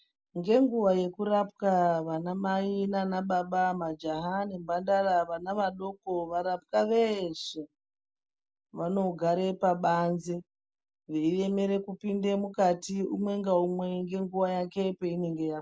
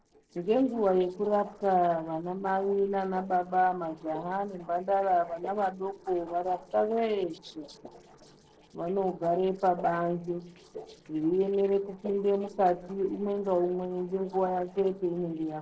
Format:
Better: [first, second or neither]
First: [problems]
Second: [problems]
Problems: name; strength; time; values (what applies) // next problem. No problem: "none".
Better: first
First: none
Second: noise reduction (neural separator model SepFormer DNS4)